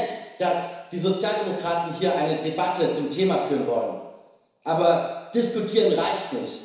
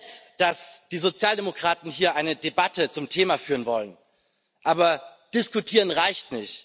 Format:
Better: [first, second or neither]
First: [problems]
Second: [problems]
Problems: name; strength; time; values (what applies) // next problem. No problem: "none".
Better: second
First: room echo; dies away in 1 s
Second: none